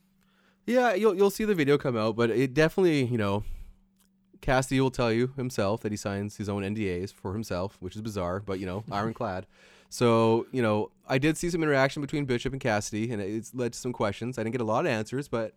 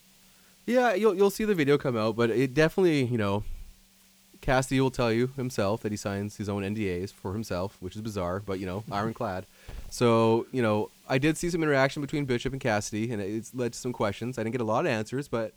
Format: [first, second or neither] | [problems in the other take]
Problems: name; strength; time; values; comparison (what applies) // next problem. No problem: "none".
first | hiss; faint; throughout; 30 dB below the speech